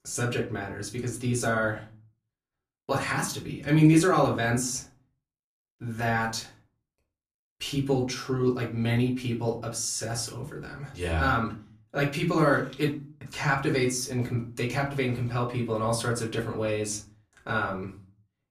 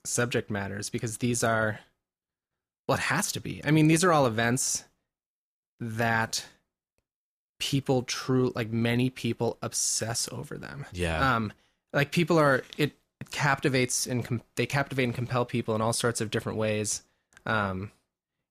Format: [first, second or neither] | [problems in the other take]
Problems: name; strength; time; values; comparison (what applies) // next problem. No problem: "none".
second | off-mic speech; far // room echo; very slight; dies away in 0.3 s